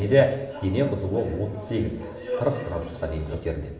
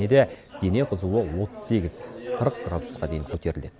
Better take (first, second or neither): second